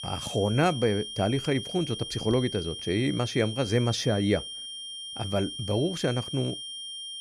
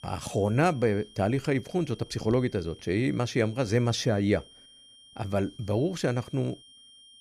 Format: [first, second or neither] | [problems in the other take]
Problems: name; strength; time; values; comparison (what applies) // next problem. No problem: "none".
second | high-pitched whine; loud; throughout; 3 kHz, 8 dB below the speech; faint in the second